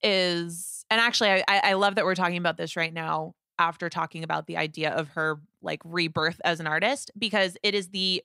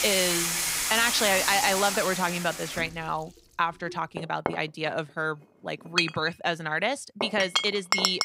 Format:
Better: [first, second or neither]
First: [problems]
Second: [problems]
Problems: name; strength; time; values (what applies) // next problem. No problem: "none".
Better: first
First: none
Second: household noises; very loud; throughout; as loud as the speech